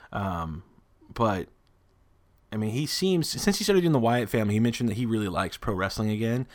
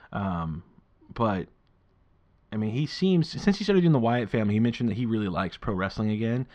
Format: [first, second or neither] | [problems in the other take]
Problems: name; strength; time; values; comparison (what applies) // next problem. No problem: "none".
first | muffled; very slightly; fading above 4 kHz